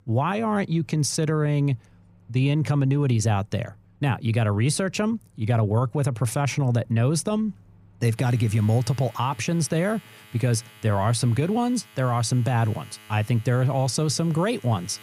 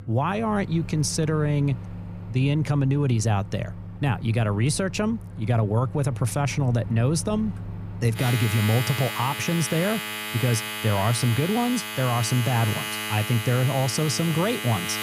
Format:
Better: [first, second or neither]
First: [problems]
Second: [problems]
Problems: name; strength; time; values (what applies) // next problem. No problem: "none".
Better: first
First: household noises; faint; throughout; 25 dB below the speech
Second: household noises; loud; throughout; 8 dB below the speech